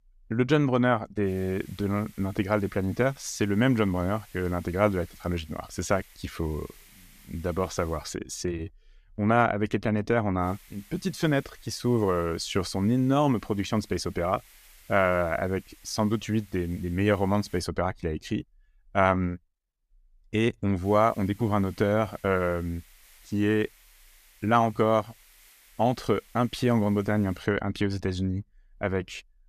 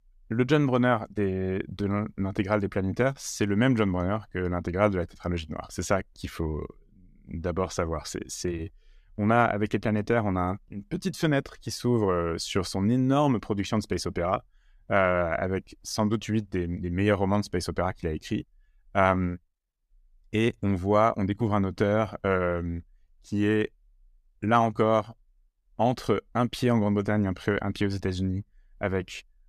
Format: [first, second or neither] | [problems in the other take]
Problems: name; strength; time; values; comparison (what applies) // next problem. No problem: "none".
second | hiss; faint; from 1.5 to 8 s, from 10 to 18 s and from 21 to 27 s; 25 dB below the speech